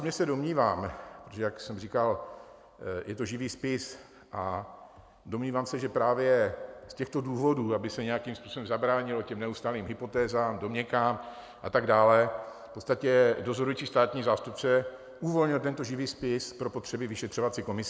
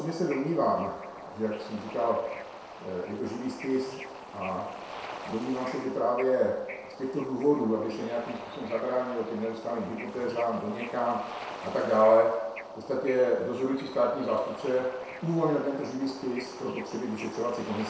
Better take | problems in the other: first | background sound (Bird / Ocean); 13 dB below the speech // room echo; dies away in 0.7 s

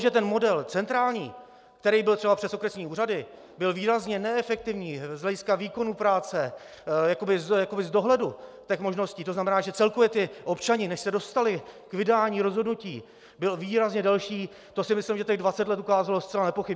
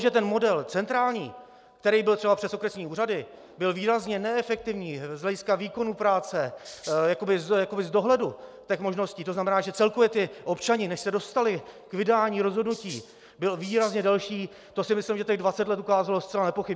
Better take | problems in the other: first | background sound (Rattle (instrument)); 19 dB below the speech

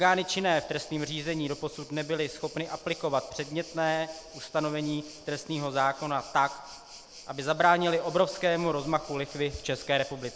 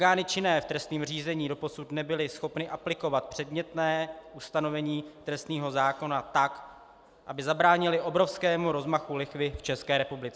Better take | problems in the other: second | background sound (Waves, surf); 19 dB below the speech

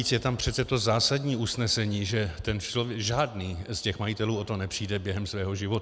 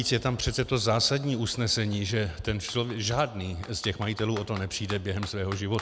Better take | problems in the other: first | background sound (Computer keyboard); 19 dB below the speech

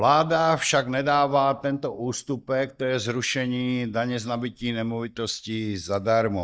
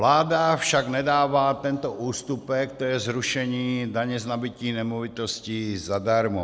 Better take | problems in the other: second | noise reduction (neural mask model DeepFilterNet 3)

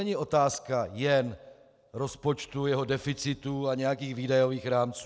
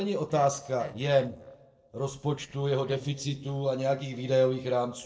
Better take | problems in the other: first | noise reduction (neural separator model SepFormer DNS4)

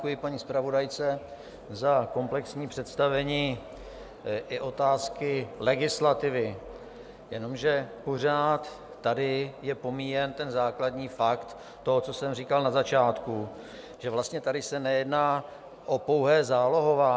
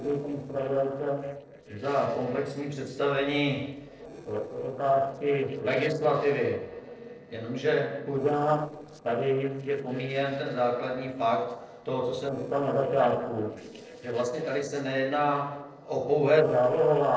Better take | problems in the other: first | noise reduction (neural separator model SepFormer DNS4)

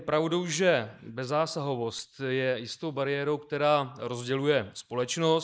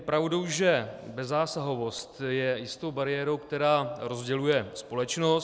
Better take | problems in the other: second | noise reduction (neural mask model Resemble Enhance denoiser)

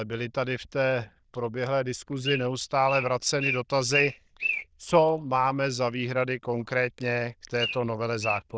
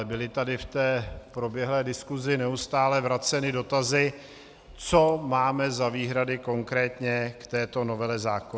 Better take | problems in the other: second | noise reduction (neural diffusion model UNIVERSE++)

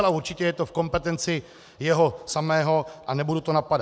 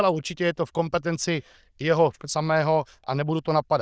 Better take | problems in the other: first | noise reduction (neural diffusion model UNIVERSE++)

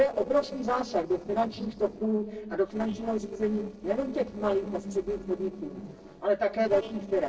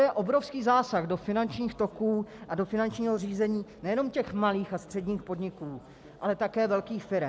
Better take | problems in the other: second | noise reduction (neural separator model SepFormer DNS4)

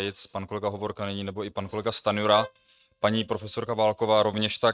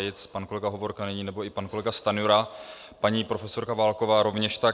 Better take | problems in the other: second | noise reduction (neural mask model RNNoise)

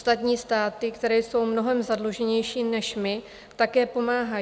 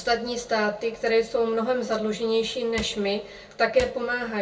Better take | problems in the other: first | background sound (Cupboard open or close / Drawer open or close); 17 dB below the speech // room echo; dies away in 0.2 s

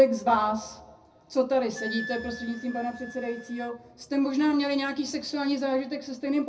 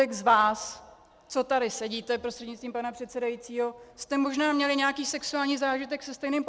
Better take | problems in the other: second | background sound (Wind instrument, woodwind instrument); 17 dB below the speech // room echo; dies away in 0.4 s

